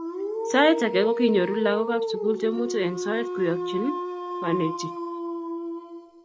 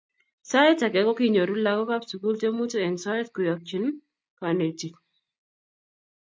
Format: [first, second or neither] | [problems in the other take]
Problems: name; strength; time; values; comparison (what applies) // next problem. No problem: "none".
second | background sound (Dog); 4 dB below the speech